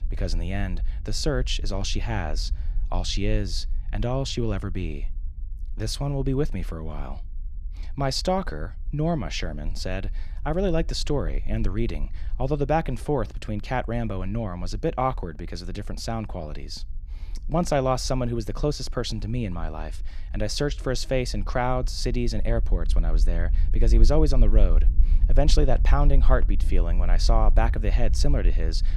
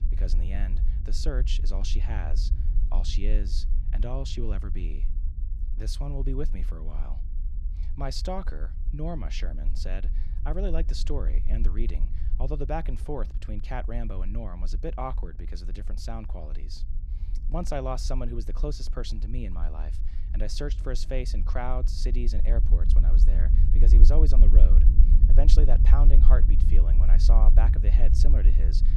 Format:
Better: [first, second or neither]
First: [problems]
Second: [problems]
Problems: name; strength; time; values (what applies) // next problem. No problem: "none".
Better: first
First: low rumble; faint; throughout; 25 dB below the speech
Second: low rumble; loud; throughout; 9 dB below the speech